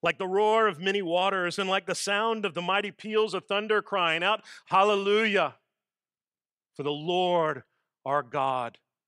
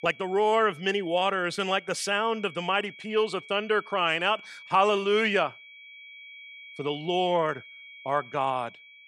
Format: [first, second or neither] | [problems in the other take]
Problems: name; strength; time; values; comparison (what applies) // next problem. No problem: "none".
first | high-pitched whine; noticeable; throughout; 2.5 kHz, 20 dB below the speech